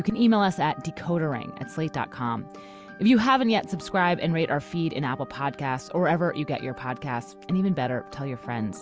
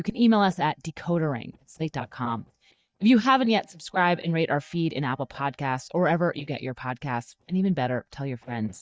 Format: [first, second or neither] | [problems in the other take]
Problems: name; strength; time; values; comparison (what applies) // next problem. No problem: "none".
first | noise reduction (neural mask model DeepFilterNet 3)